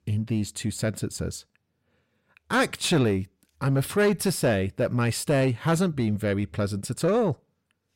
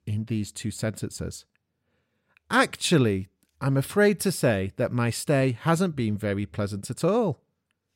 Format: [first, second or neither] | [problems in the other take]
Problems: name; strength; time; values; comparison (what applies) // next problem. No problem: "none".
second | distortion; slight; 10 dB below the speech